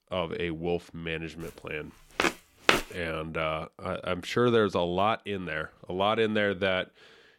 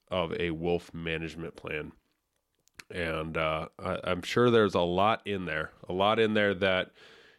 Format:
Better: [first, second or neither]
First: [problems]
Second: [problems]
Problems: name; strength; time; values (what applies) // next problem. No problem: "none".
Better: second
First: footsteps; loud; at 2 s; peak 4 dB above the speech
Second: none